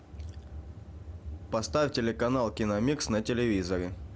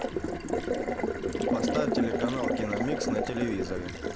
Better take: first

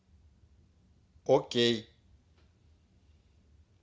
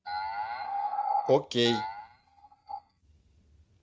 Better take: first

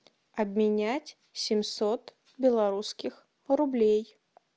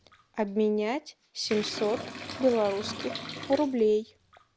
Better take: first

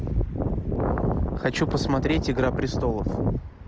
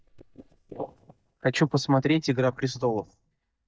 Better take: first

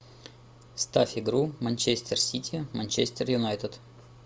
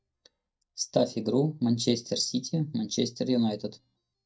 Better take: first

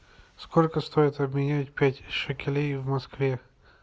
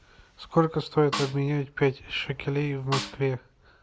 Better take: first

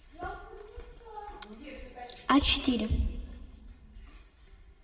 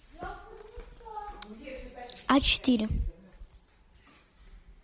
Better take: second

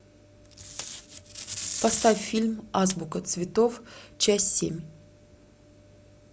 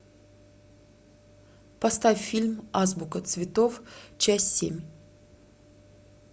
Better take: second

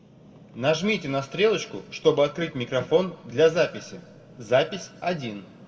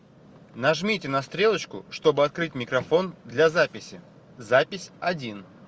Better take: second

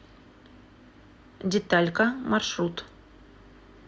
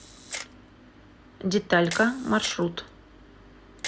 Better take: first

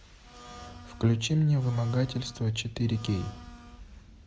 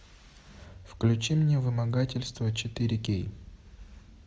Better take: second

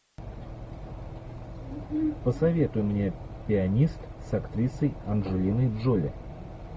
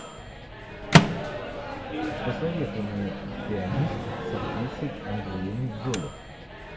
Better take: first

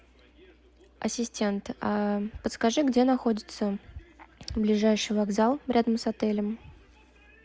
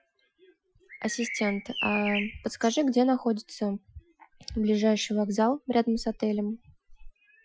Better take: first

